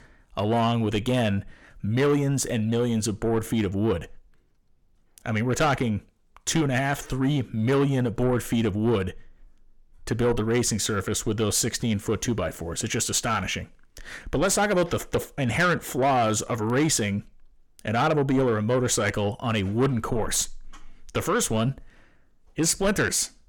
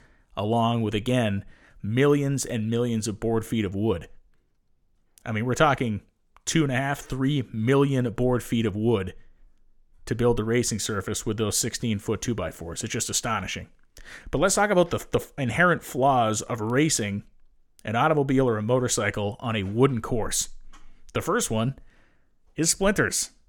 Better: second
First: distortion; slight; 10 dB below the speech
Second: none

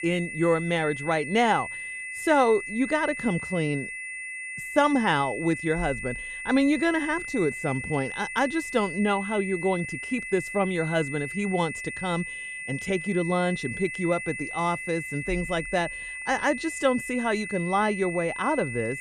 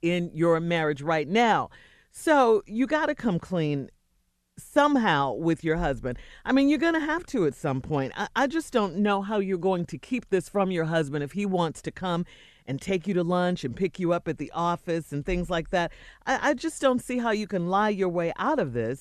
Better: second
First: high-pitched whine; loud; throughout; 2 kHz, 7 dB below the speech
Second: none

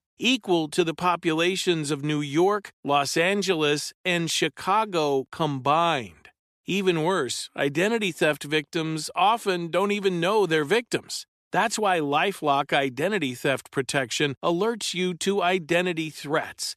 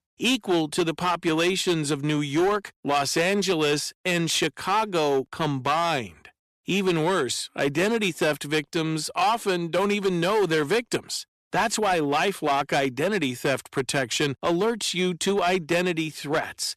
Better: first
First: none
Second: distortion; slight; 9% of the sound clipped

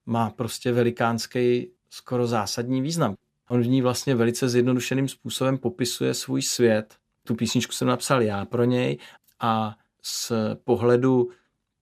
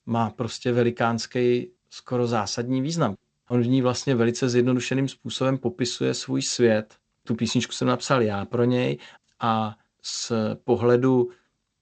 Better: first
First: none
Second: garbled, watery; slightly; nothing above 8 kHz

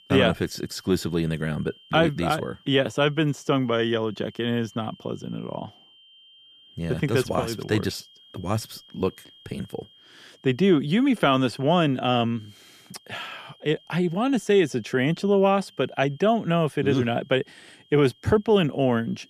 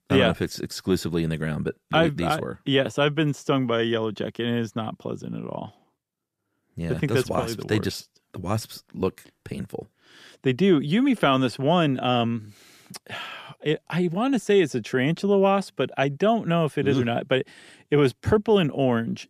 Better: second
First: high-pitched whine; faint; throughout; 3 kHz, 30 dB below the speech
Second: none

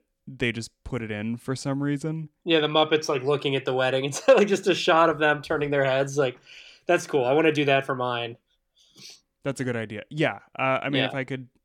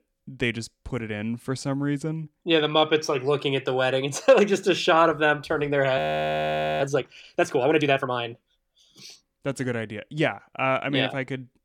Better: first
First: none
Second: audio freezing; at 6 s for 1 s

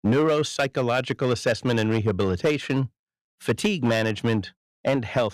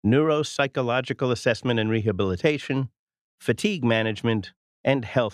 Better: second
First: distortion; slight; 6% of the sound clipped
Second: none

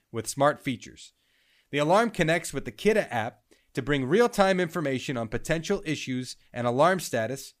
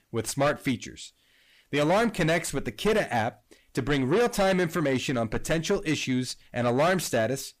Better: first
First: none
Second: distortion; heavy; 7 dB below the speech

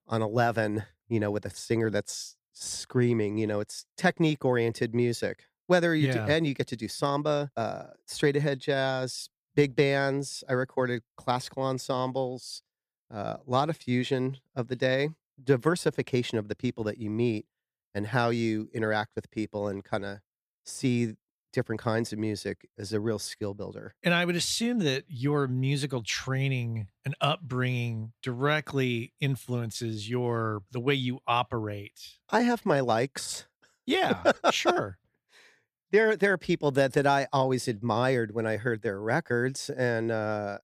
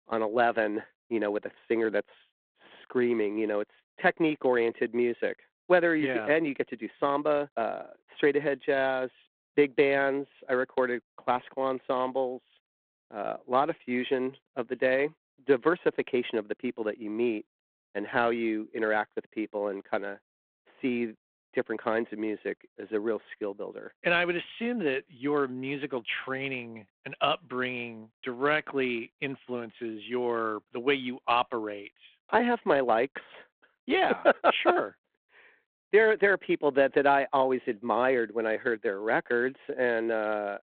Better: first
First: none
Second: phone-call audio

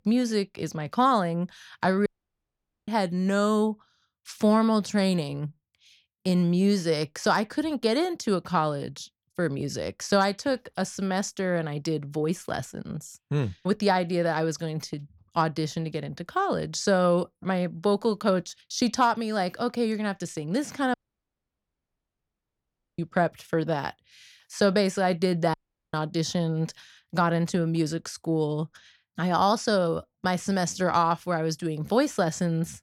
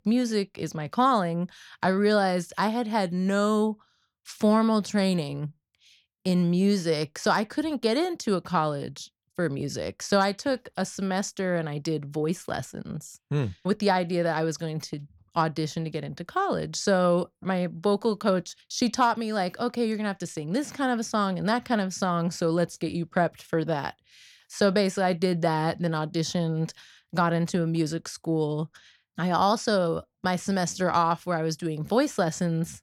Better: second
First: audio cutting out; at 2 s for 1 s, at 21 s for 2 s and at 26 s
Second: none

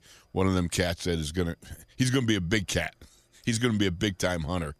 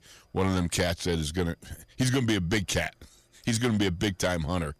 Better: first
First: none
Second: distortion; slight; 4% of the sound clipped

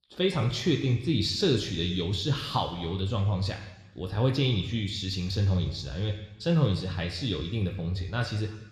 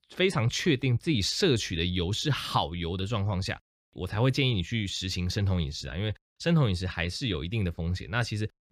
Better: second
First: room echo; slight; dies away in 1.1 s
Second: none

